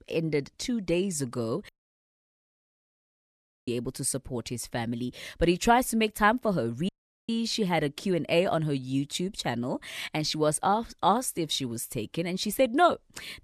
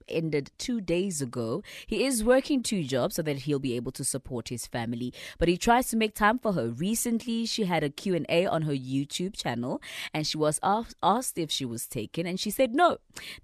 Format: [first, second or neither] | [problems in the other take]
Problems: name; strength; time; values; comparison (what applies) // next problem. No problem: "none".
second | audio cutting out; at 1.5 s for 2 s and at 7 s